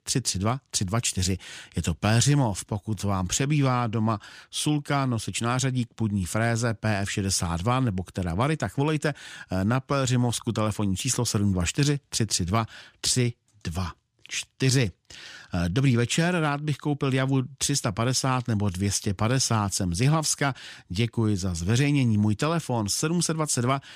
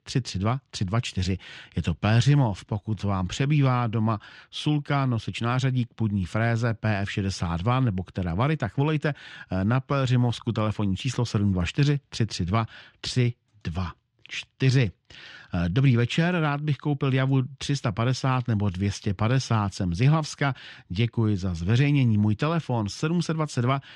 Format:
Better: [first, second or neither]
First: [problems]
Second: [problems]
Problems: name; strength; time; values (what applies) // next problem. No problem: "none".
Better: first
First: none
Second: muffled; slightly; fading above 3.5 kHz